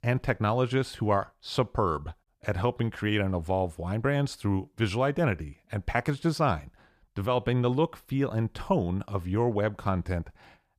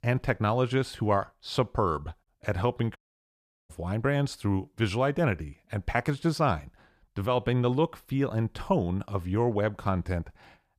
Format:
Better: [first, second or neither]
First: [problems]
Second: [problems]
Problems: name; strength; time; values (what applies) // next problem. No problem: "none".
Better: first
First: none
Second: audio cutting out; at 3 s for 0.5 s